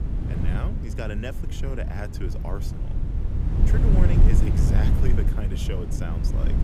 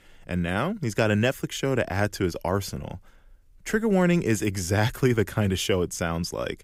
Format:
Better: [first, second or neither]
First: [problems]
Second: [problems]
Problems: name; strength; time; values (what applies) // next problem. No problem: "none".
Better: second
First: wind noise on the microphone; heavy; as loud as the speech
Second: none